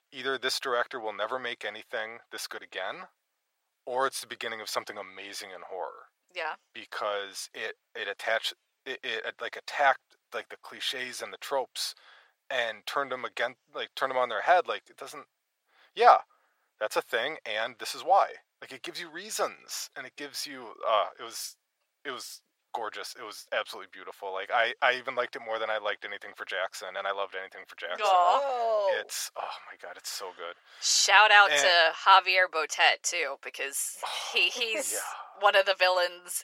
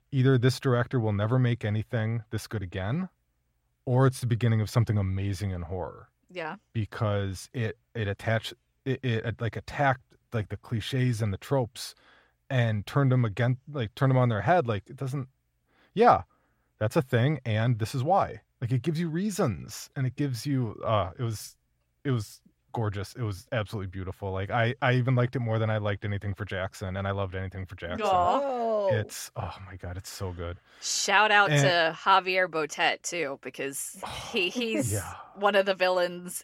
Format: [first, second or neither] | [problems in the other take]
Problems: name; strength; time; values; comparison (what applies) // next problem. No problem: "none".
second | thin; very; fading below 600 Hz